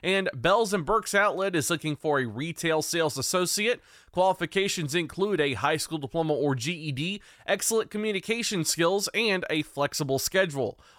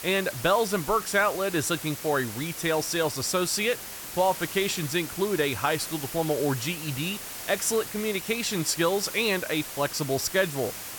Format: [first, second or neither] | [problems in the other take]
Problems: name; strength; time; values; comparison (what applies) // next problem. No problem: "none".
first | hiss; loud; throughout; 9 dB below the speech